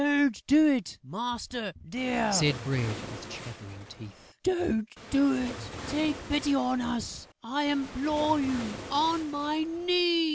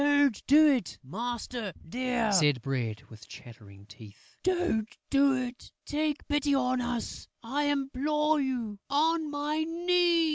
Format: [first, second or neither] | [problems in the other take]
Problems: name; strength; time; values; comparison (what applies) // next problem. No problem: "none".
second | background sound (Waves, surf); 13 dB below the speech